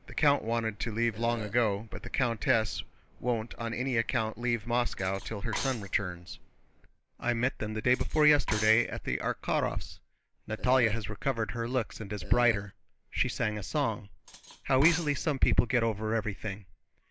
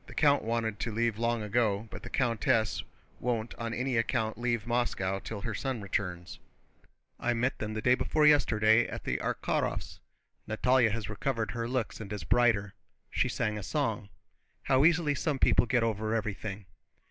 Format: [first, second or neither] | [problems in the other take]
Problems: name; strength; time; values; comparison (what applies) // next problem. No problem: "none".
second | background sound (Cutlery, silverware + Burping, eructation); 15 dB below the speech